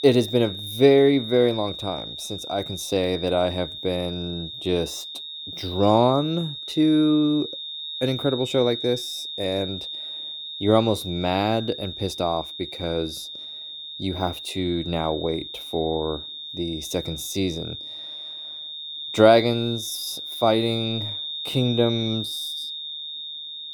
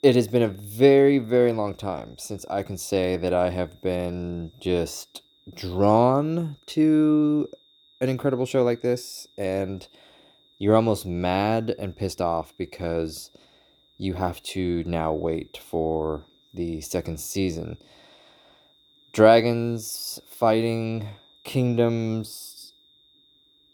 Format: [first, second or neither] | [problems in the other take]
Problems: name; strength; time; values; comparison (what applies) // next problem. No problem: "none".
second | high-pitched whine; loud; throughout; 3.5 kHz, 8 dB below the speech; faint in the second